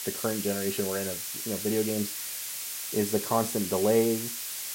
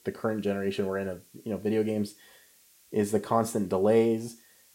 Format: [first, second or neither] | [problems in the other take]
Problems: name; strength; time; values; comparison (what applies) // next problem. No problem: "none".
second | hiss; loud; throughout; 3 dB below the speech; faint in the second